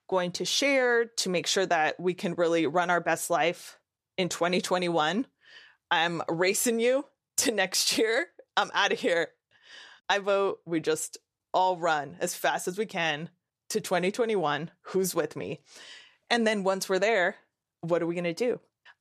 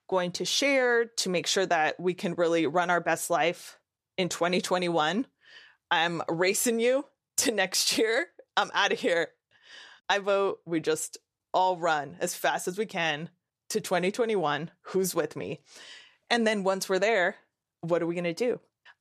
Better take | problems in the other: neither | none

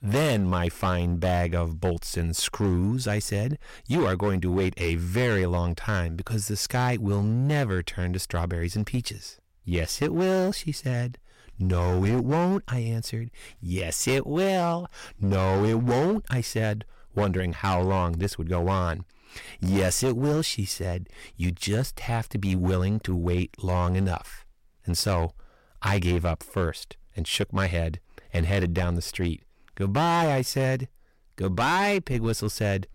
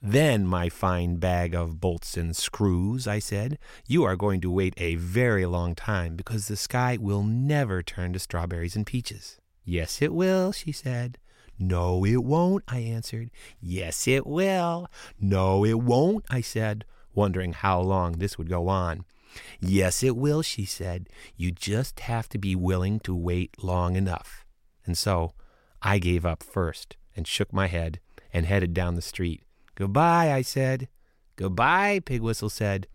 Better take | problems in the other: second | distortion; slight; 10% of the sound clipped

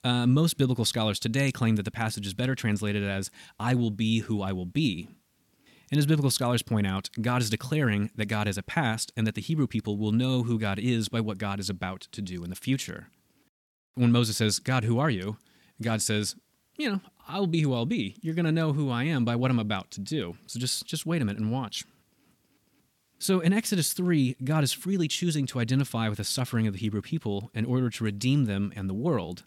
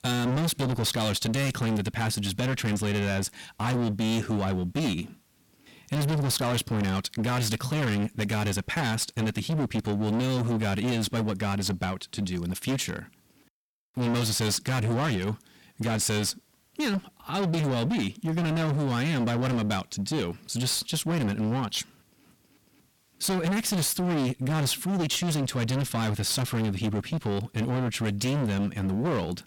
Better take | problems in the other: first | distortion; heavy; 29% of the sound clipped

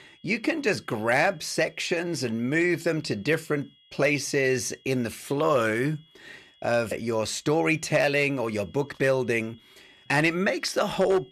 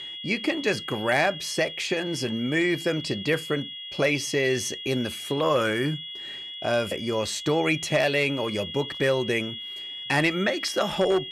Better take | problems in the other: first | high-pitched whine; loud; throughout; 3.5 kHz, 9 dB below the speech; faint in the first

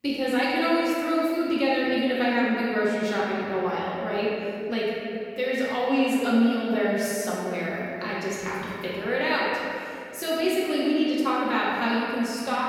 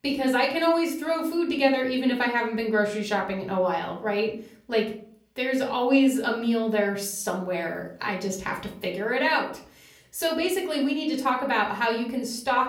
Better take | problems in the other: second | room echo; strong; dies away in 2.4 s; slight in the second // off-mic speech; far; somewhat distant in the second

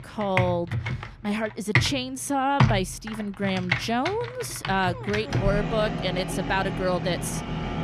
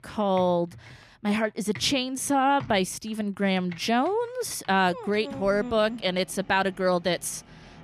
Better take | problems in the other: second | household noises; loud; throughout; 1 dB below the speech; faint in the second

